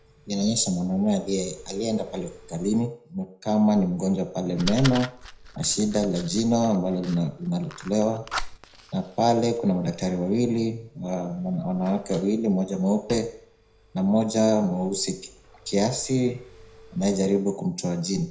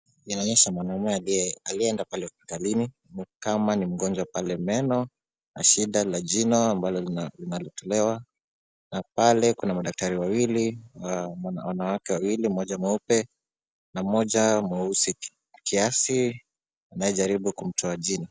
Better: second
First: background sound (Fire); 16 dB below the speech // room echo; dies away in 0.5 s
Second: none

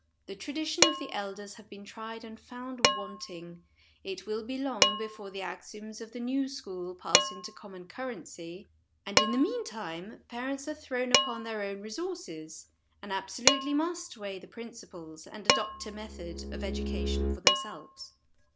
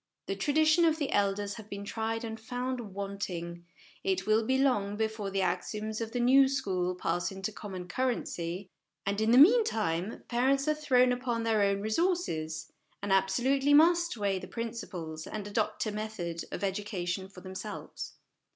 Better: second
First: background sound (Bowed string instrument + Dishes, pots, and pans); 2 dB above the speech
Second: none

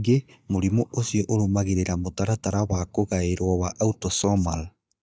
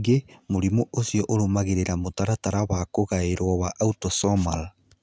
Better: second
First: noise reduction (neural mask model DeepFilterNet 3)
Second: none

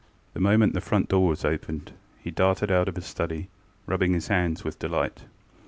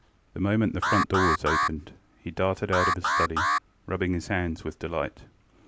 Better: first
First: none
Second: background sound (Alarm); 1 dB above the speech

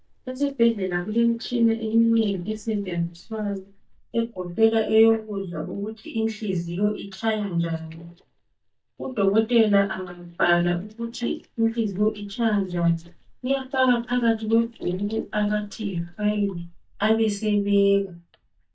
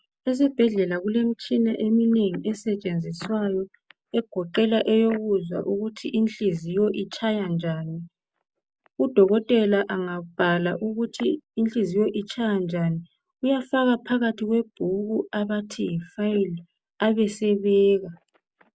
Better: second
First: noise reduction (neural mask model DeepFilterNet 3)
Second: none

